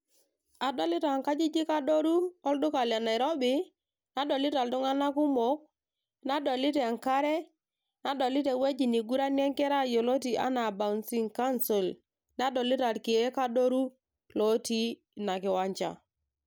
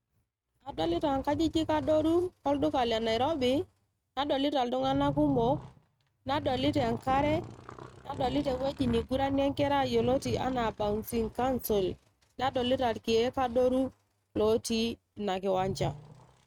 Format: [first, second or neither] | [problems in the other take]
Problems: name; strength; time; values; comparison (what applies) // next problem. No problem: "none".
first | noise reduction (neural mask model RNNoise)